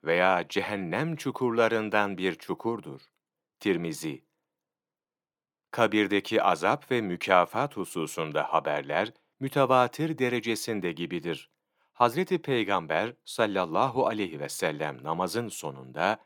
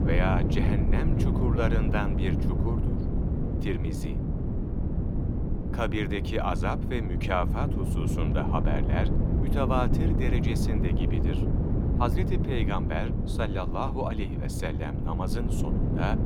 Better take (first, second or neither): first